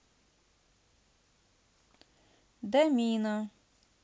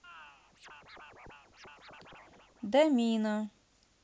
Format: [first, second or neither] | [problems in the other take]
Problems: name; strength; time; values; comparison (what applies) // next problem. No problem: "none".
first | background sound (Scratching (performance technique)); 20 dB below the speech